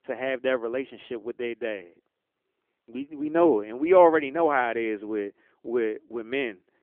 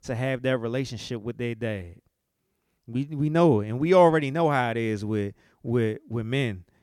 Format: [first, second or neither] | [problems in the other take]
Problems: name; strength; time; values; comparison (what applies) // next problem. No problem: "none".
second | phone-call audio; nothing above 3.5 kHz